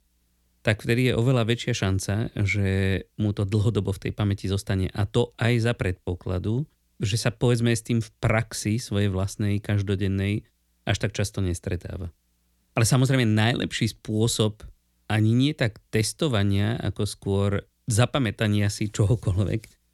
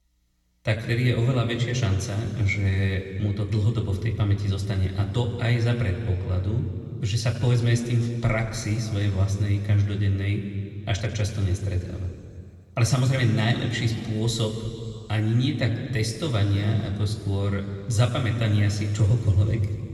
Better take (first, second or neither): first